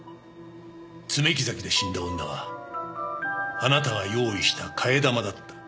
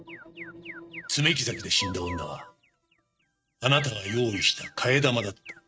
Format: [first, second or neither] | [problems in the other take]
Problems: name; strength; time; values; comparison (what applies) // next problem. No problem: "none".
first | noise reduction (neural mask model RNNoise)